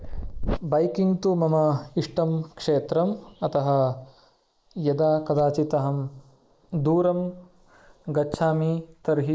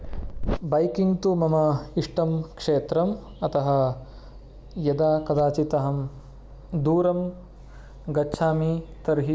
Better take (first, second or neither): second